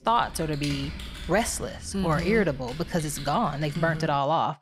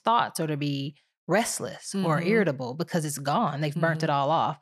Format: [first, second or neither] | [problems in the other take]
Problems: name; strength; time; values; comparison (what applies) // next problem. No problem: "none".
second | keyboard typing; noticeable; peak 9 dB below the speech